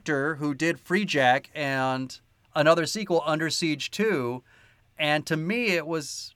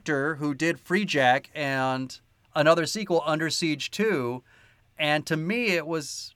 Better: neither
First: none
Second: none

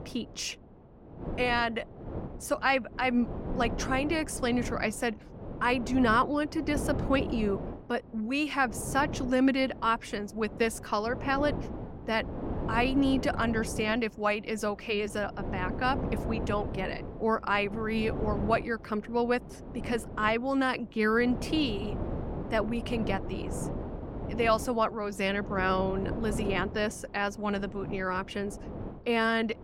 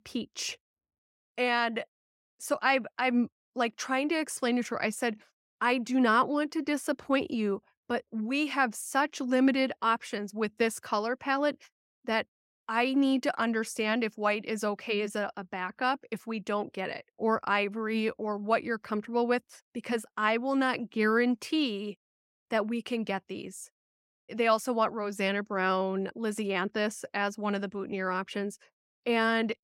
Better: second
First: wind noise on the microphone; occasional gusts; 15 dB below the speech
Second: none

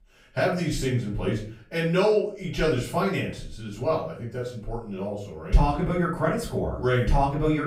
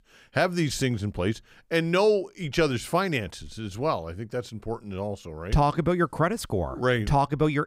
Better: second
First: off-mic speech; far // room echo; slight; dies away in 0.4 s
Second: none

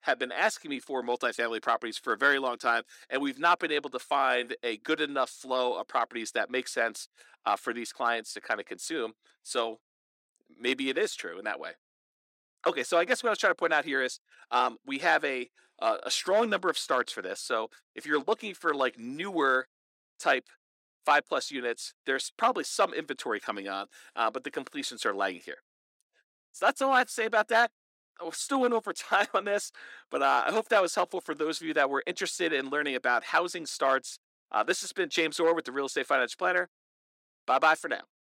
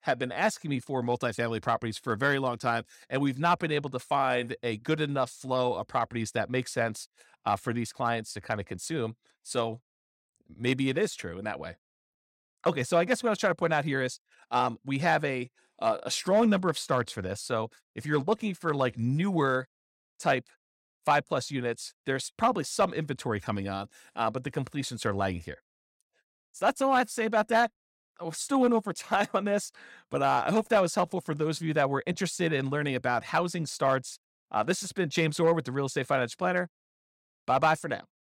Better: second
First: thin; somewhat; fading below 300 Hz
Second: none

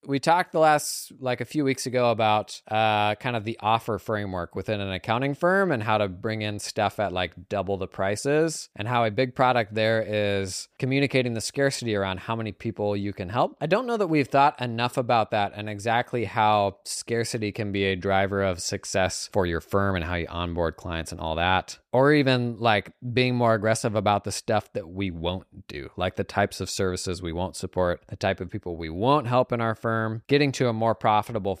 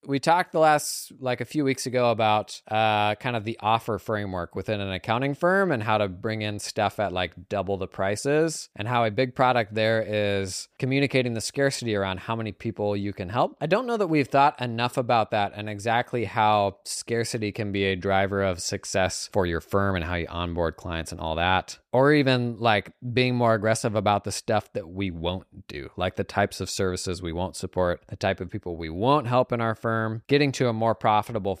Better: neither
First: none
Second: none

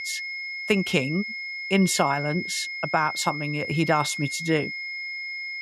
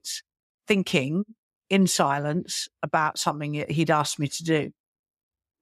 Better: second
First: high-pitched whine; loud; throughout; 2 kHz, 6 dB below the speech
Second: none

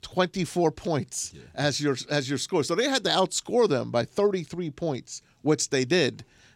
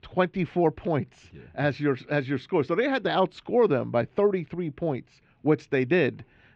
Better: first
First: none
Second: muffled; very; fading above 2.5 kHz

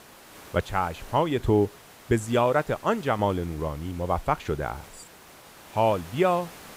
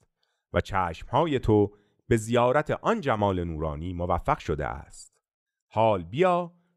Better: second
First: hiss; faint; throughout; 20 dB below the speech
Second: none

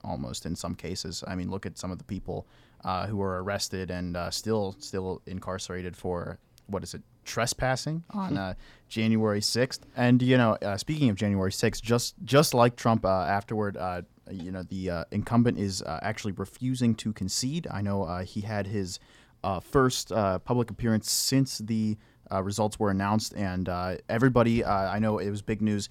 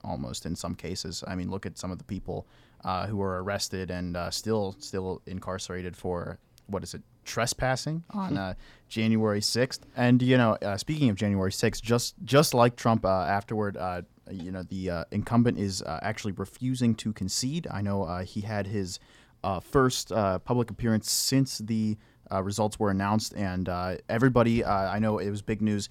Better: neither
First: none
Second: none

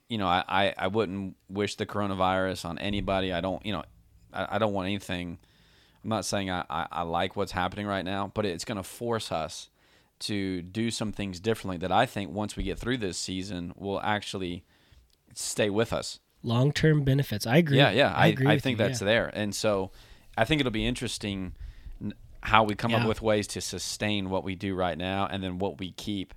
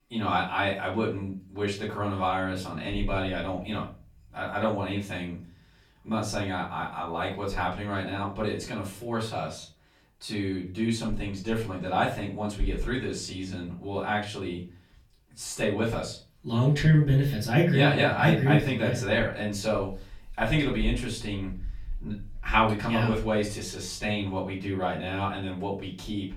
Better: first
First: none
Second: off-mic speech; far // room echo; slight; dies away in 0.3 s

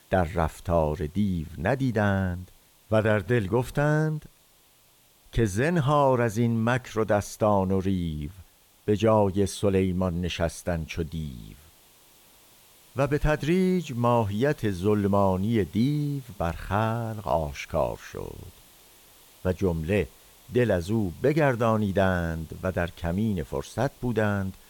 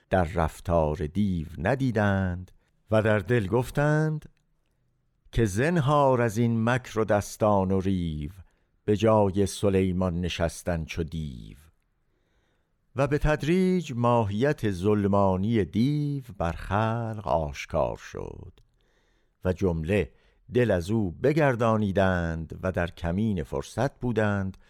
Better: second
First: hiss; faint; throughout; 30 dB below the speech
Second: none

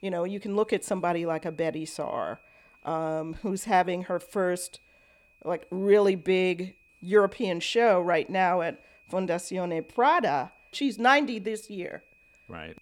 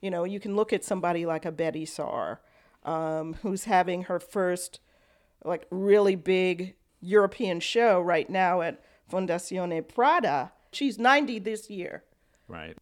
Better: second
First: high-pitched whine; faint; throughout; 2.5 kHz, 30 dB below the speech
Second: none

